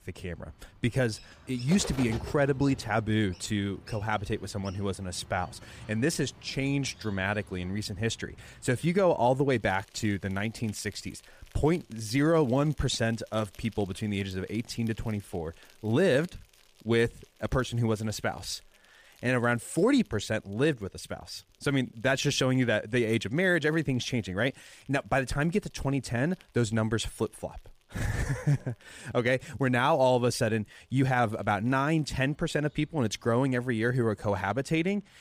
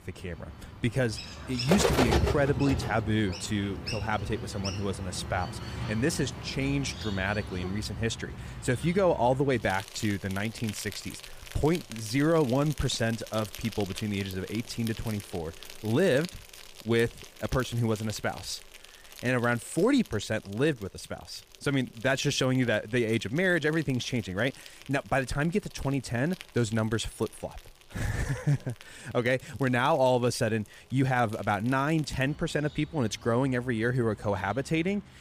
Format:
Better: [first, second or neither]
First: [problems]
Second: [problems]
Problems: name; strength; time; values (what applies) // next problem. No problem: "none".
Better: first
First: animal sounds; faint; throughout; 20 dB below the speech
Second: animal sounds; loud; throughout; 9 dB below the speech